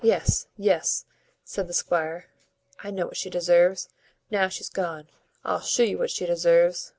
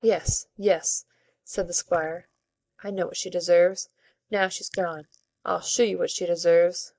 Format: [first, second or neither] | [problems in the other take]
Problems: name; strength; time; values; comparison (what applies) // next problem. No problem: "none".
first | noise reduction (neural mask model DeepFilterNet 3)